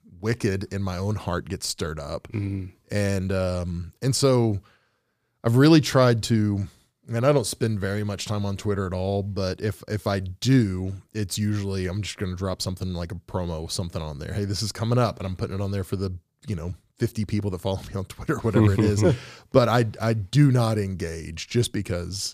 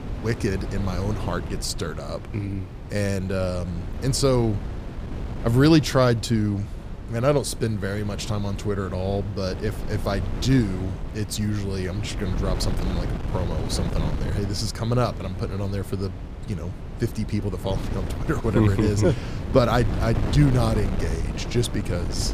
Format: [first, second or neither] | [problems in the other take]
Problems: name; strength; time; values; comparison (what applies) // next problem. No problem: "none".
first | wind noise on the microphone; occasional gusts; 10 dB below the speech